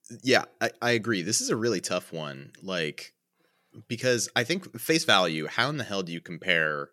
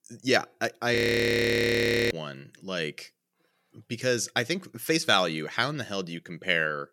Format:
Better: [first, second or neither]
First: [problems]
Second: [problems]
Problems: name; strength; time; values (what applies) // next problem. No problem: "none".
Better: first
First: none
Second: audio freezing; at 1 s for 1 s